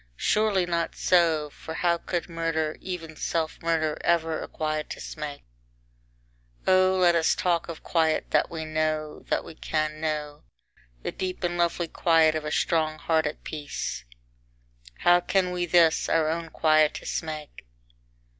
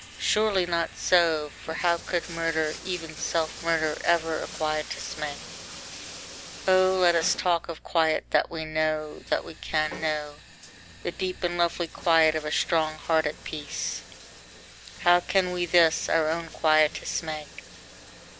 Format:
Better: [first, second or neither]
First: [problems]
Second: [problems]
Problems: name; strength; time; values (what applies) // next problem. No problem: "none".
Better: first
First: none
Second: background sound (Bathtub (filling or washing)); 16 dB below the speech